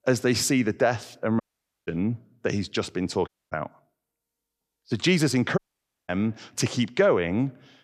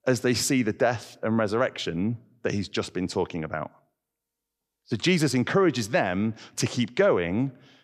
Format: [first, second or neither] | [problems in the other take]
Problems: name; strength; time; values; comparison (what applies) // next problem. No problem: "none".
second | audio cutting out; at 1.5 s, at 3.5 s and at 5.5 s for 0.5 s